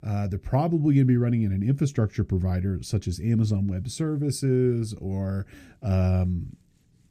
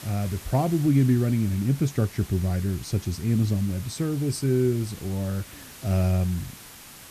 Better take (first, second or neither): first